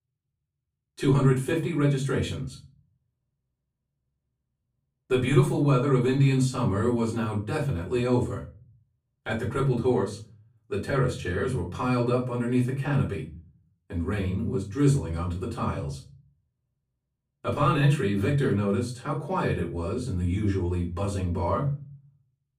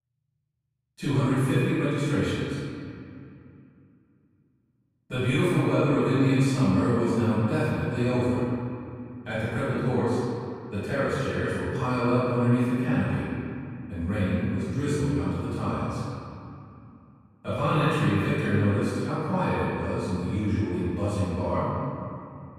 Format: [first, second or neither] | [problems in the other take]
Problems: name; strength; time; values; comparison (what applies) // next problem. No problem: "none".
first | room echo; strong; dies away in 2.4 s; slight in the first // off-mic speech; far; far in the first